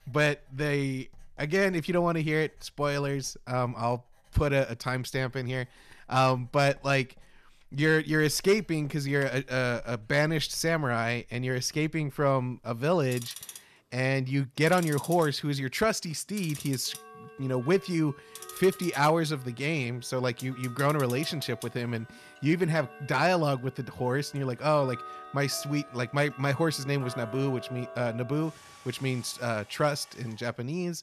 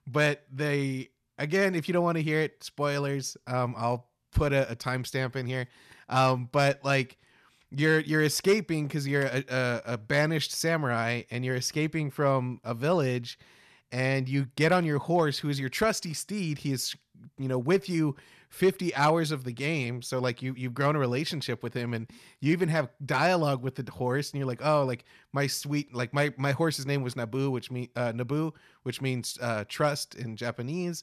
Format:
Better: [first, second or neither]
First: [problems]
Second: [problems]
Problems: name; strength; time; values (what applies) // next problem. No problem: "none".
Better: second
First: household noises; noticeable; throughout; 15 dB below the speech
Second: none